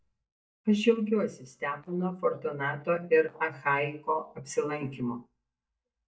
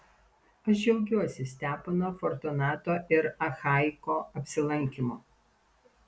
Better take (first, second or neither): second